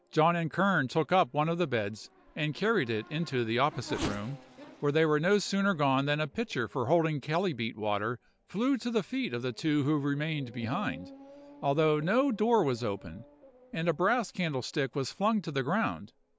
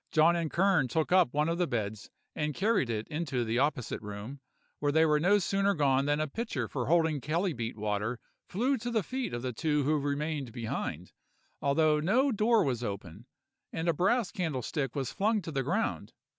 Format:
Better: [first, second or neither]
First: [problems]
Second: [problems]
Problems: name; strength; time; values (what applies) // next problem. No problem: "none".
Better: second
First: background sound (Race car, auto racing / Accelerating, revving, vroom); 20 dB below the speech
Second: none